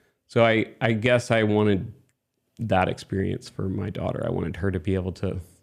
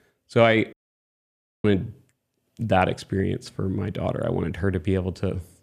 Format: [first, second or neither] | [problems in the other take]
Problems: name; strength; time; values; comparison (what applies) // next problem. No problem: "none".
first | audio cutting out; at 0.5 s for 1 s